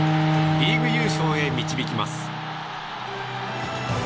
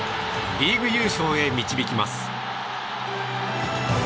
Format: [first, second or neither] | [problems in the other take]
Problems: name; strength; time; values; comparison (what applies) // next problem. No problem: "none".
second | background sound (Bowed string instrument); 1 dB above the speech